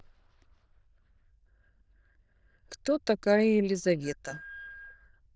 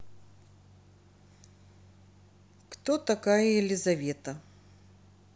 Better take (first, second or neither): second